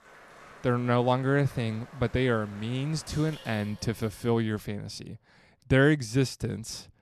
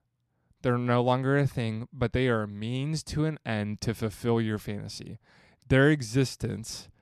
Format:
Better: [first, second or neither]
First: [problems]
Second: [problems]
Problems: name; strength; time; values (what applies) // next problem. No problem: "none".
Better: second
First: household noises; faint; until 4 s; 20 dB below the speech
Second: none